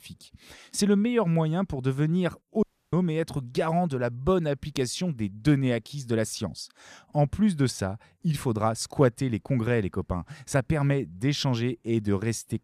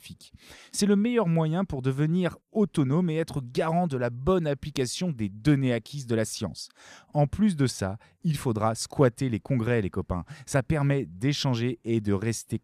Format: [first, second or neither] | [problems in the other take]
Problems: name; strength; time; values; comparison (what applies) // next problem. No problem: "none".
second | audio cutting out; at 2.5 s